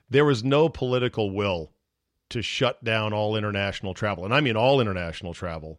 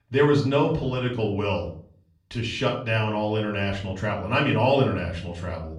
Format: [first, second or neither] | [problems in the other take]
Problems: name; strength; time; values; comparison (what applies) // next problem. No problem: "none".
first | off-mic speech; far // room echo; slight; dies away in 0.5 s